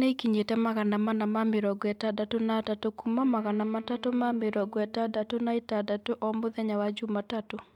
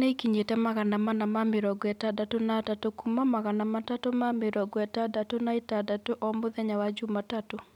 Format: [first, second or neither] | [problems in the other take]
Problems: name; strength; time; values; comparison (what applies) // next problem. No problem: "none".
second | noise reduction (neural mask model DeepFilterNet 3)